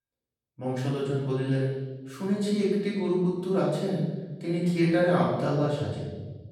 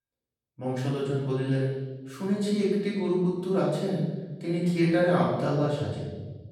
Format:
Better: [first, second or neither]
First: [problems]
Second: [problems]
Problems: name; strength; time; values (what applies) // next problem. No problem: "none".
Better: neither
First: off-mic speech; far // room echo; noticeable; dies away in 1.3 s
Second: off-mic speech; far // room echo; noticeable; dies away in 1.3 s